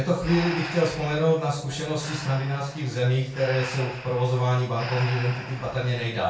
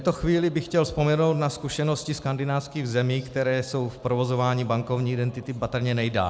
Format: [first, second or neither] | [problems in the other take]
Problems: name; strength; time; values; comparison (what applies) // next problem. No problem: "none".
second | background sound (Breathing); 13 dB below the speech // room echo; dies away in 0.3 s